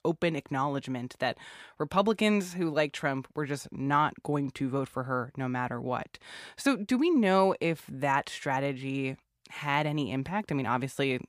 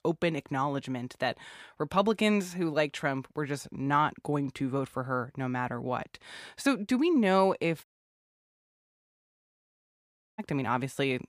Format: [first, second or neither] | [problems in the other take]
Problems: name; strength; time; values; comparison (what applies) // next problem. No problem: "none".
first | audio cutting out; at 8 s for 2.5 s